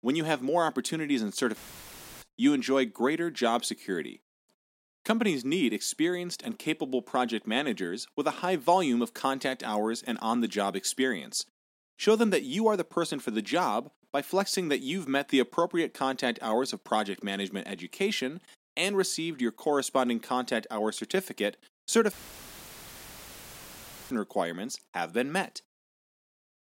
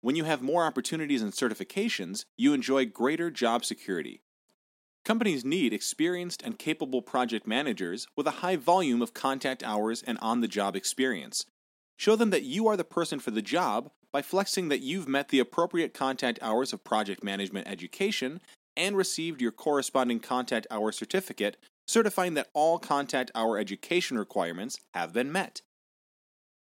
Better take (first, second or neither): second